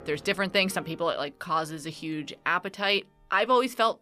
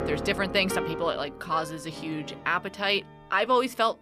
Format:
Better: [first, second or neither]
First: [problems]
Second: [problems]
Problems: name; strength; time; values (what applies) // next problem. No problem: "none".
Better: first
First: background music; faint; throughout; 25 dB below the speech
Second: background music; loud; throughout; 10 dB below the speech